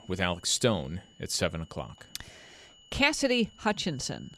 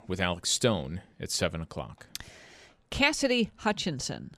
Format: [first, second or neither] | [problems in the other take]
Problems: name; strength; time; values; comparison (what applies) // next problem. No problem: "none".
second | high-pitched whine; faint; throughout; 3 kHz, 25 dB below the speech